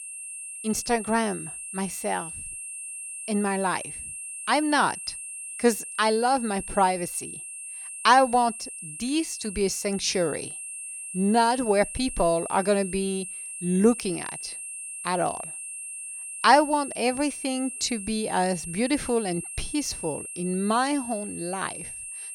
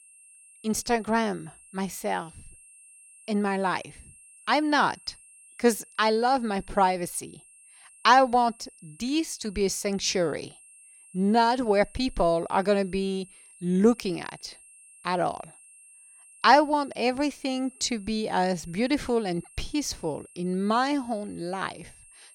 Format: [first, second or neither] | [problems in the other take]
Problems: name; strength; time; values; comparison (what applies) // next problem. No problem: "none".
second | high-pitched whine; loud; throughout; 8.5 kHz, 9 dB below the speech; faint in the second